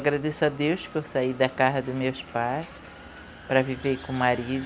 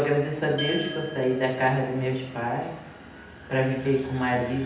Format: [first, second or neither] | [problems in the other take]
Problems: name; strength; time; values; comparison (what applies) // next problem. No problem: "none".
first | background sound (Glass); 13 dB below the speech // room echo; dies away in 0.8 s